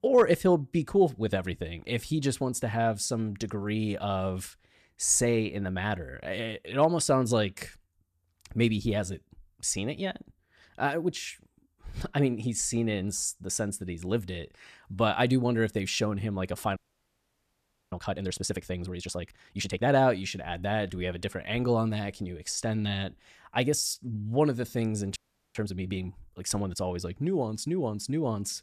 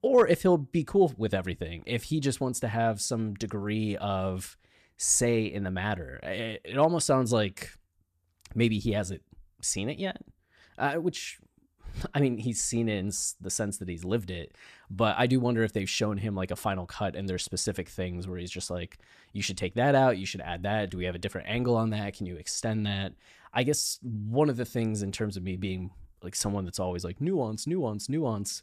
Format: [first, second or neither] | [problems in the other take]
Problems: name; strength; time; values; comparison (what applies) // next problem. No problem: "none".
second | audio freezing; at 17 s for 1 s and at 25 s